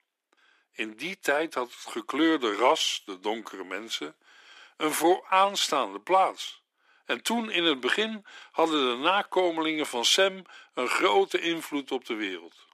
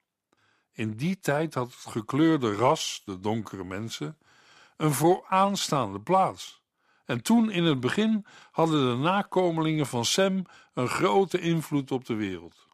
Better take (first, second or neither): second